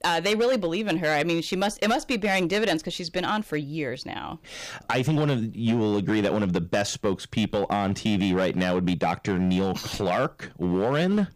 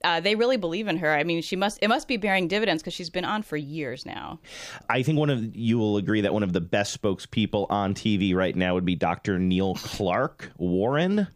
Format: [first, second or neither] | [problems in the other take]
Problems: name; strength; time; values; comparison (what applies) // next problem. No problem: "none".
second | distortion; slight; 8% of the sound clipped